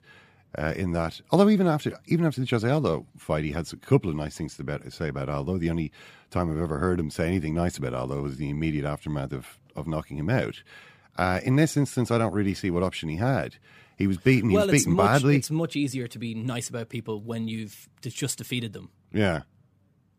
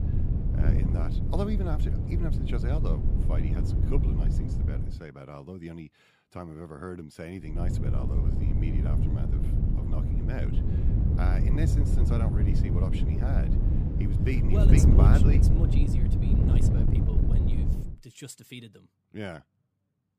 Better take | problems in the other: first | wind noise on the microphone; heavy; until 5 s and from 7.5 to 18 s; 2 dB above the speech

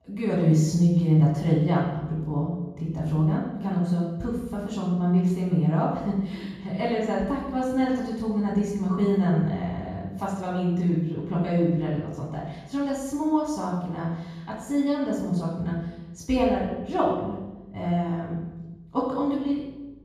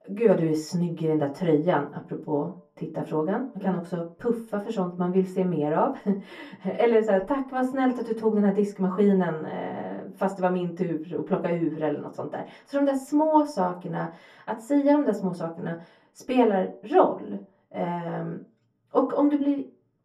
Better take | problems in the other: second | room echo; strong; dies away in 1.3 s; slight in the second // off-mic speech; far; far in the second

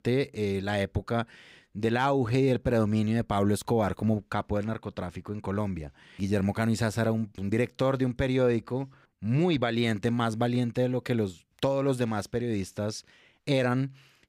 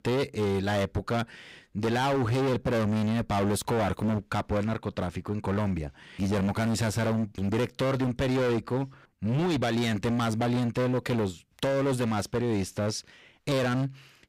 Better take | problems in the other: first | distortion; heavy; 24% of the sound clipped

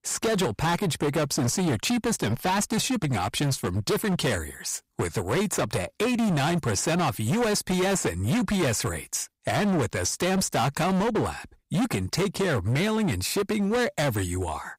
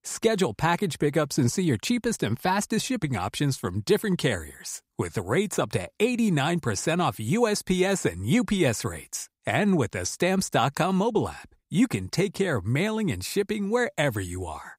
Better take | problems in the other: second | distortion; heavy; 24% of the sound clipped

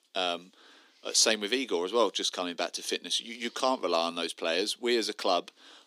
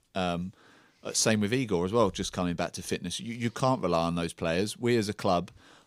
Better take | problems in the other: second | thin; somewhat; fading below 250 Hz

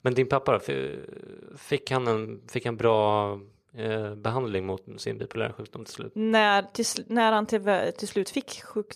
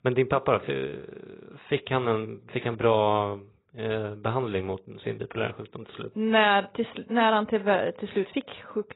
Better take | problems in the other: first | garbled, watery; badly; nothing above 4 kHz

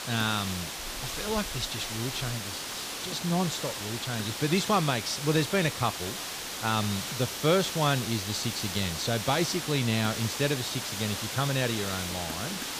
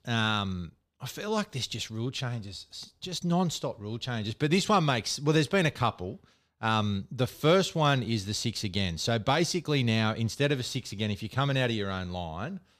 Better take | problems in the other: second | hiss; loud; throughout; 4 dB below the speech

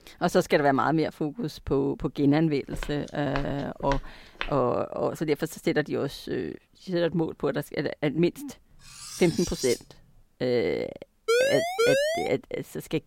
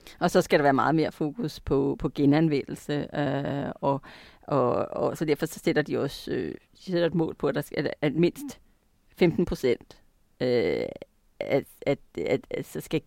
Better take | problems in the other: second | footsteps; noticeable; from 2.5 to 4.5 s; peak 9 dB below the speech // clattering dishes; noticeable; from 8.5 to 10 s; peak 5 dB below the speech // siren; loud; from 11 to 12 s; peak 4 dB above the speech

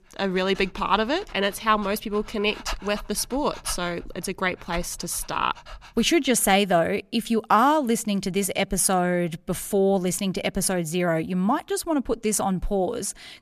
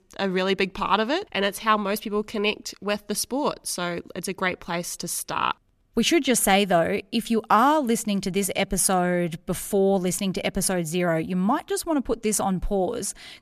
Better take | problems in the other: second | dog barking; faint; until 6 s; peak 10 dB below the speech

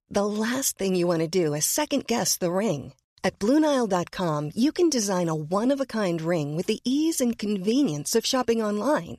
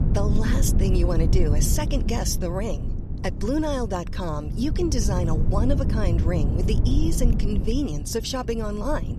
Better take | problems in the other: first | low rumble; loud; throughout; 8 dB below the speech

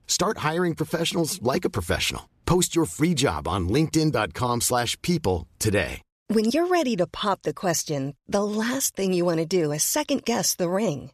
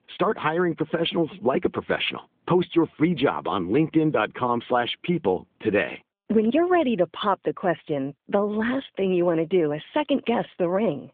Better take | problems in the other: first | phone-call audio; nothing above 3.5 kHz

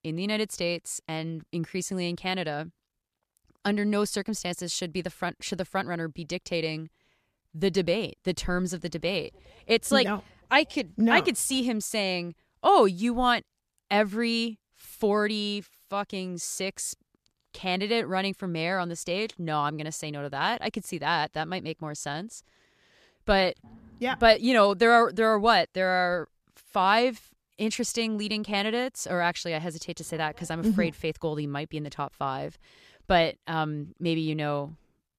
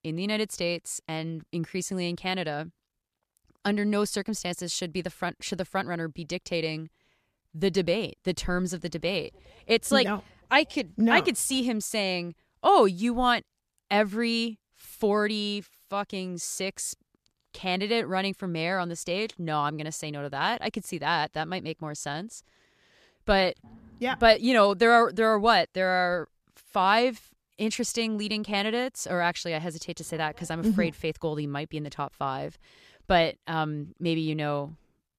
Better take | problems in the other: neither | none

